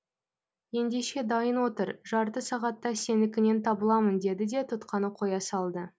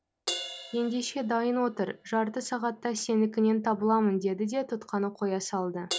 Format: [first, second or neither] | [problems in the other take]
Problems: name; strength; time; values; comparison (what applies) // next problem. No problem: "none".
first | background sound (Crash cymbal); 14 dB below the speech